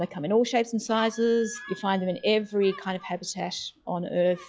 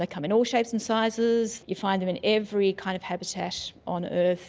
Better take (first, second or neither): second